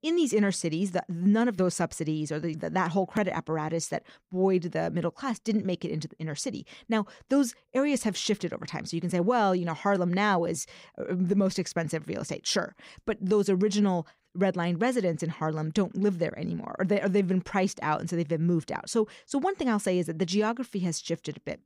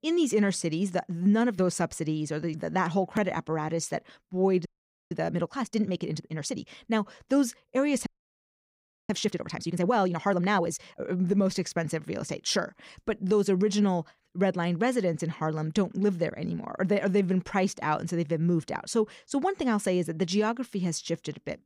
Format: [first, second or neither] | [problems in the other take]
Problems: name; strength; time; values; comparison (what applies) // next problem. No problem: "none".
first | audio freezing; at 4.5 s and at 8 s for 1 s